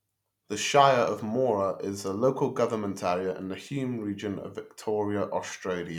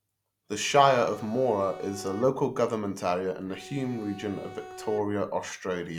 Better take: first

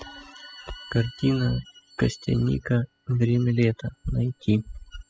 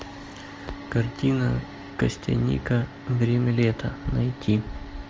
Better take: second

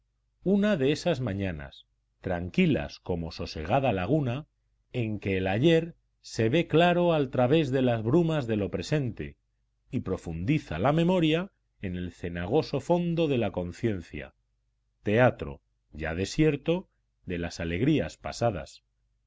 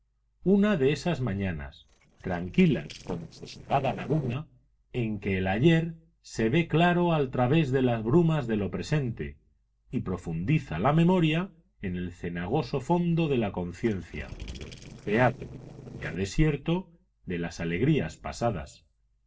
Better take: first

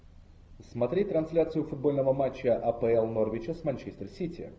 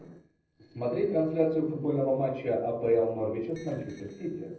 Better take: first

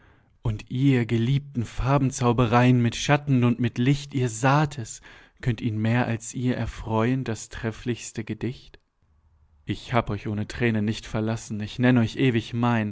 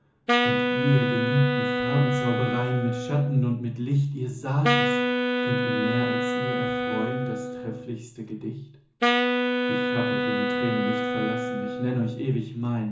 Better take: first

